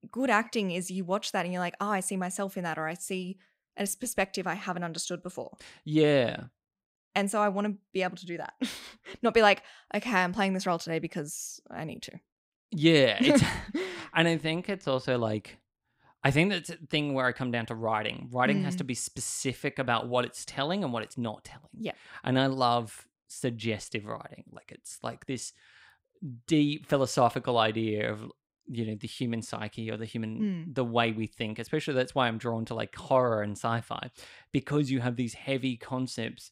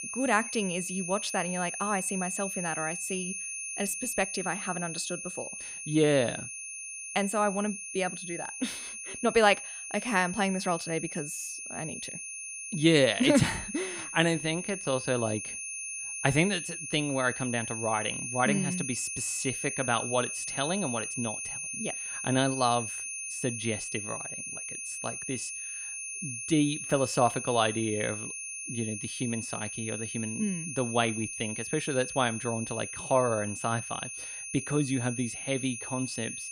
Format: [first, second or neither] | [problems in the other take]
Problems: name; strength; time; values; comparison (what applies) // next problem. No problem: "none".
first | high-pitched whine; loud; throughout; 2.5 kHz, 5 dB below the speech